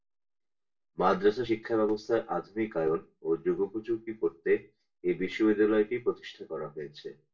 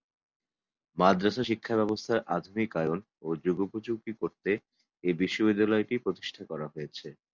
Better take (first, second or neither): second